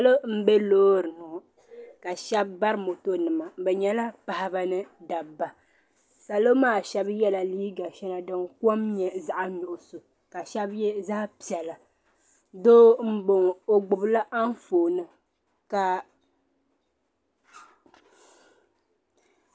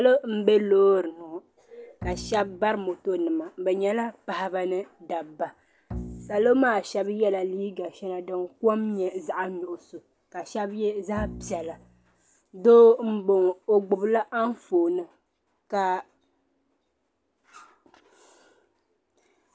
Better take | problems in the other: first | background sound (Bowed string instrument); 15 dB below the speech

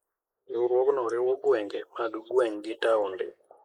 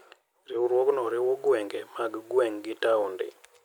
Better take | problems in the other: second | noise reduction (neural mask model Resemble Enhance denoiser)

